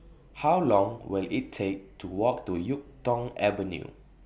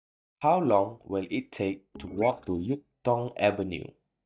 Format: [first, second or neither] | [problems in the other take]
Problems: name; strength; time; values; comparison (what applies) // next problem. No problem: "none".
first | noise reduction (neural mask model DeepFilterNet 3)